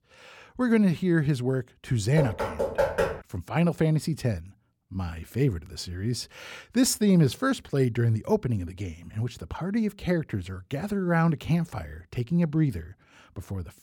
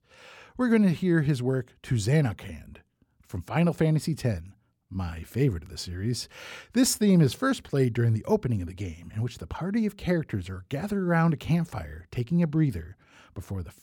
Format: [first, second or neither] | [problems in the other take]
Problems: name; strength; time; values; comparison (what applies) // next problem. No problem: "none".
second | door banging; loud; from 2 to 3 s; peak 1 dB above the speech